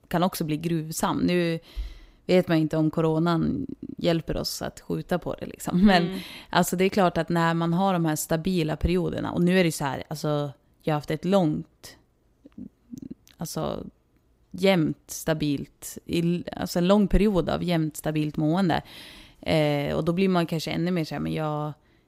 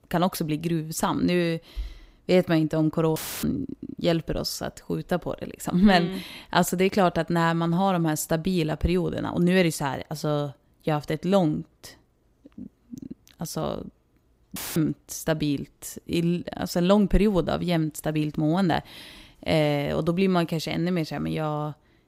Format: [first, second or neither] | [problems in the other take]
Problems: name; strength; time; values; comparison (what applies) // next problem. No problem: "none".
first | audio cutting out; filled with static; at 3 s and at 15 s